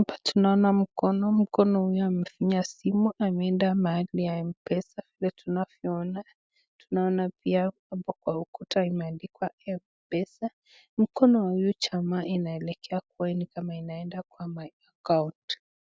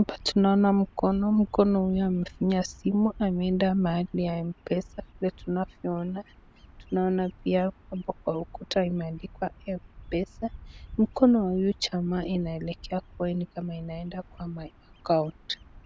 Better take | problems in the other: first | background sound (Bird vocalization, bird call, bird song); 20 dB below the speech

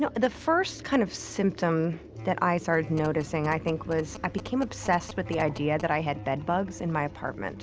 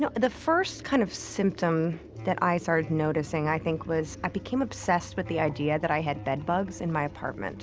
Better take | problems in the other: second | background sound (Telephone); 18 dB below the speech

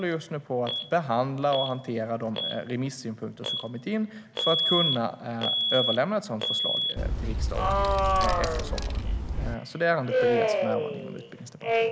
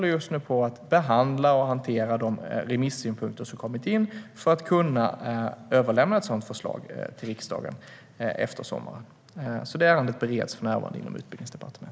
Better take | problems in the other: second | background sound (Alarm + Wind); 2 dB above the speech

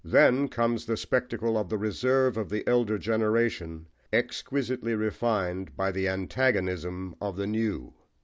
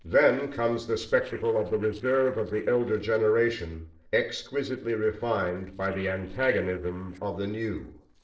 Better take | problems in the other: first | noise reduction (neural separator model SepFormer DNS4)

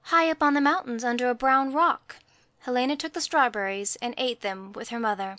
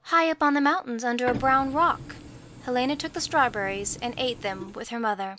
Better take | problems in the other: first | background sound (Printer); 14 dB below the speech

